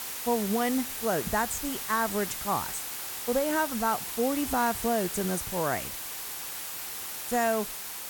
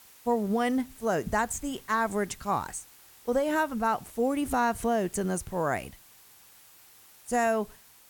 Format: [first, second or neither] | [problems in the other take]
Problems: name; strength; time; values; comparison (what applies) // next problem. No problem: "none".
second | hiss; loud; throughout; 4 dB below the speech; faint in the second